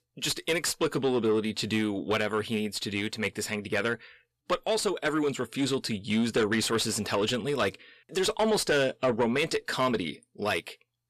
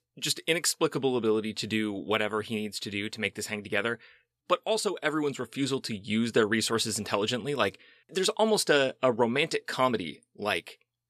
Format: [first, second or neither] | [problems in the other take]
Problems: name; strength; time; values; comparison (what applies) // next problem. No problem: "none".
second | distortion; slight; 10 dB below the speech